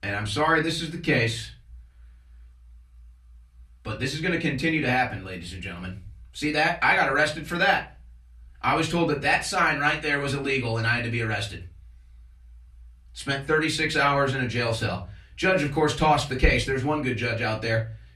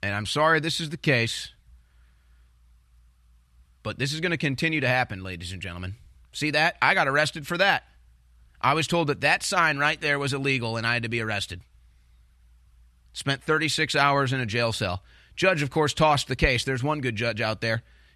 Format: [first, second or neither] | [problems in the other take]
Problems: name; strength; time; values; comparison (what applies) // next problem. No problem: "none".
second | off-mic speech; far // room echo; very slight; dies away in 0.3 s